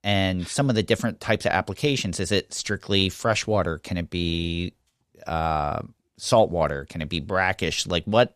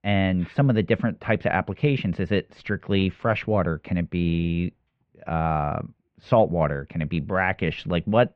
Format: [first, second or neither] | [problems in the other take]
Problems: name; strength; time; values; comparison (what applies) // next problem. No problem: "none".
first | muffled; very; fading above 2.5 kHz